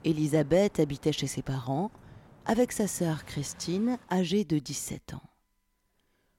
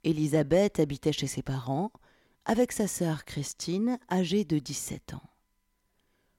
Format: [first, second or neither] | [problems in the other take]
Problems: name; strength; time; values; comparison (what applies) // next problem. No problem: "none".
second | traffic noise; faint; until 4 s; 25 dB below the speech